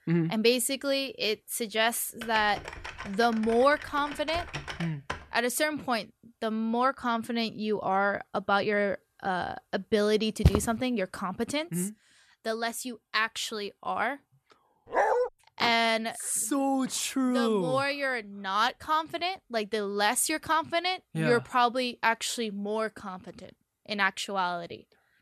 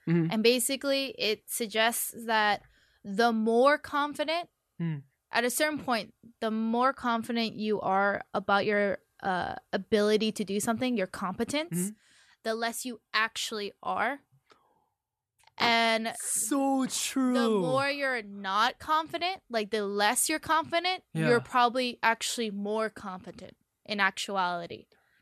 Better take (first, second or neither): second